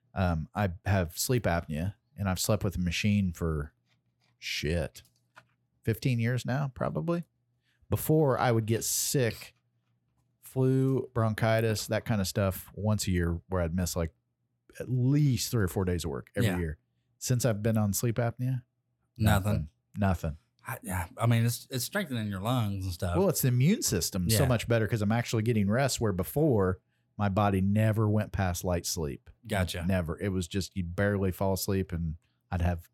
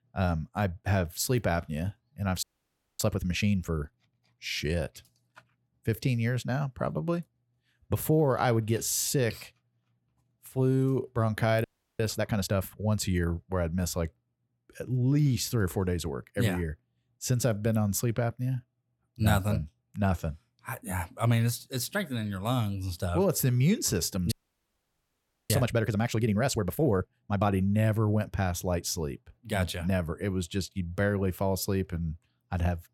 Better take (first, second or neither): first